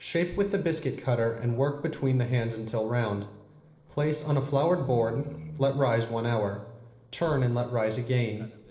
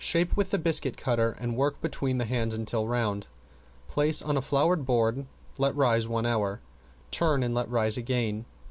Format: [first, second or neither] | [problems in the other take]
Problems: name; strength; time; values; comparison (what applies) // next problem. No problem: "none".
second | noise reduction (neural separator model SepFormer DNS4)